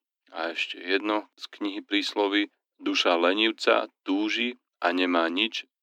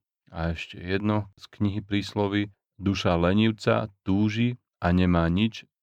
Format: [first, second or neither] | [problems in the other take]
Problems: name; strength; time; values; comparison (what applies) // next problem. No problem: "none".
second | thin; somewhat; fading below 250 Hz